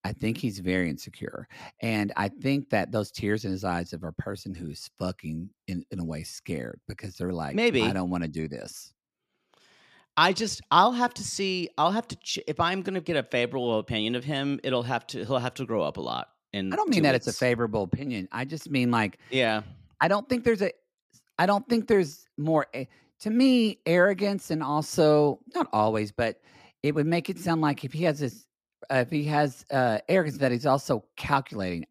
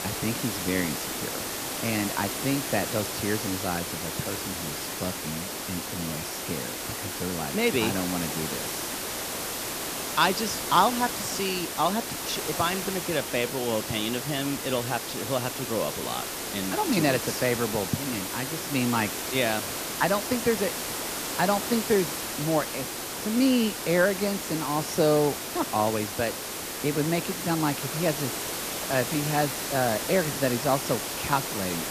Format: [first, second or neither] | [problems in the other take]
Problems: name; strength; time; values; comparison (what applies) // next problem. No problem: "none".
first | hiss; loud; throughout; 3 dB below the speech